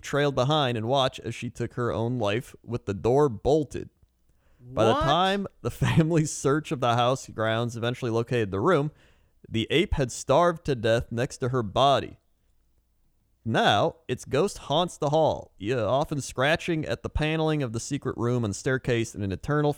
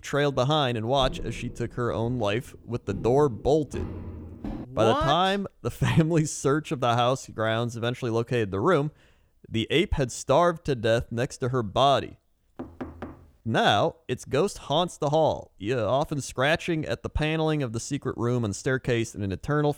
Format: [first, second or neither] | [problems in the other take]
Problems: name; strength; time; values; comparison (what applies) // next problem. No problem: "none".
first | footsteps; faint; from 1 to 4.5 s; peak 10 dB below the speech // door banging; faint; at 13 s; peak 15 dB below the speech